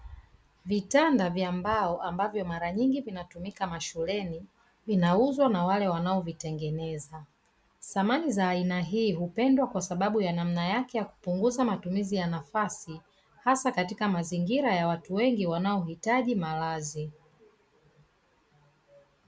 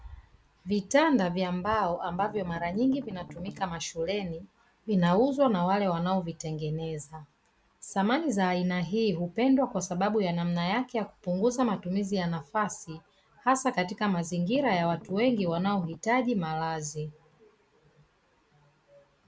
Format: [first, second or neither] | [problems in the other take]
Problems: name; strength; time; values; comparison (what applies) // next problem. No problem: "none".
first | background sound (Strum); 16 dB below the speech